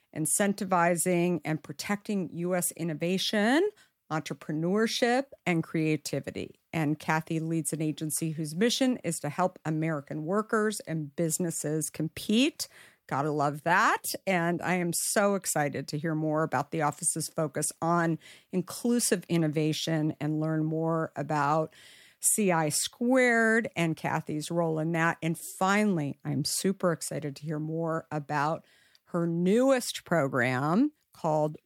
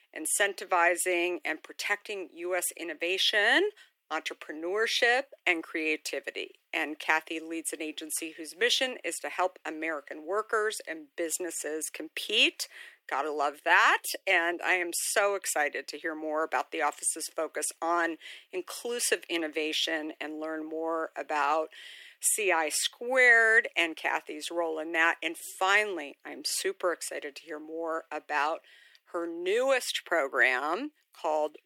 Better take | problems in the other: first | thin; very; fading below 350 Hz

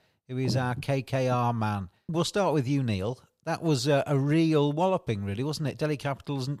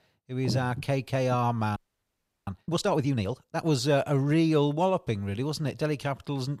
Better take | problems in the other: first | audio freezing; at 2 s for 0.5 s

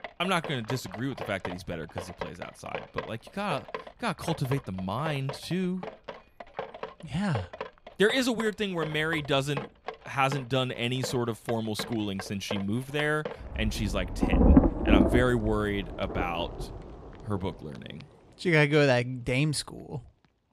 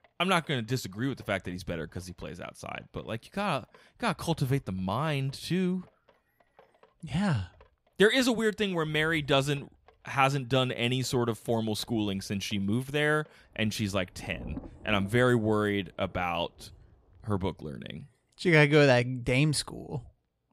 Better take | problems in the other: second | rain or running water; loud; throughout; 3 dB below the speech; faint in the second

